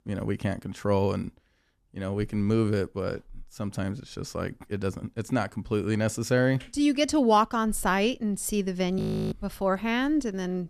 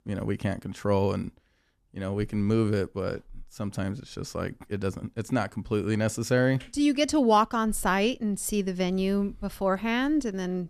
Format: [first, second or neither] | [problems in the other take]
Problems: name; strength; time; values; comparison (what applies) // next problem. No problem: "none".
second | audio freezing; at 9 s